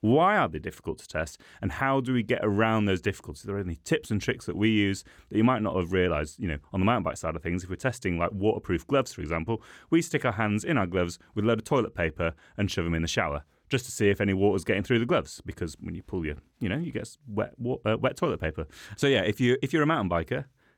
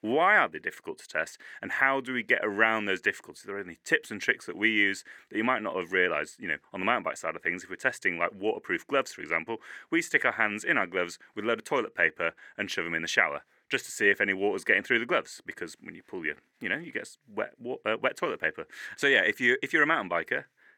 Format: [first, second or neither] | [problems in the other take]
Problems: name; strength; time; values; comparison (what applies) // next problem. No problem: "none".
first | thin; somewhat; fading below 350 Hz